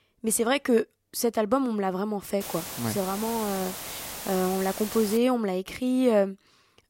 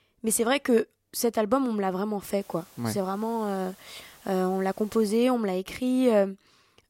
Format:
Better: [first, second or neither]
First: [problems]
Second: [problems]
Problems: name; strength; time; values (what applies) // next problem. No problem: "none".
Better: second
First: hiss; loud; from 2.5 to 5 s; 9 dB below the speech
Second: hiss; faint; from 2.5 to 5 s; 25 dB below the speech